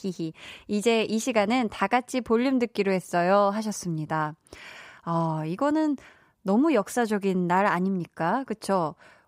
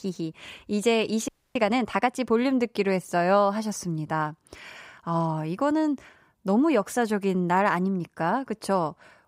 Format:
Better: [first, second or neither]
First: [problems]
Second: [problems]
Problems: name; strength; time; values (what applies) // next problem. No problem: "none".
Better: first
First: none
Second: audio freezing; at 1.5 s